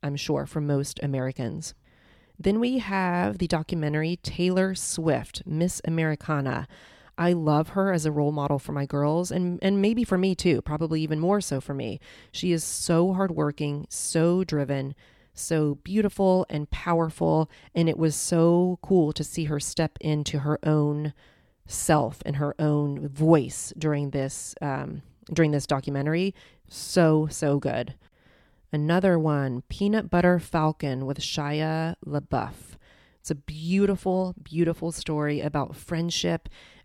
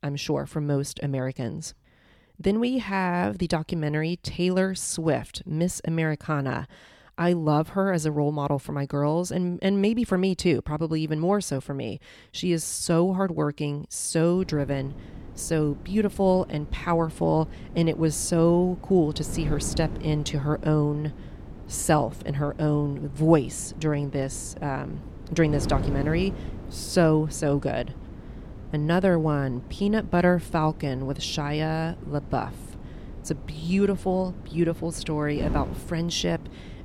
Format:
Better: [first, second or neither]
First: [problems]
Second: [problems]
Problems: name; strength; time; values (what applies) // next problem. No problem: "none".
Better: first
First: none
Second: wind noise on the microphone; occasional gusts; from 14 s on; 15 dB below the speech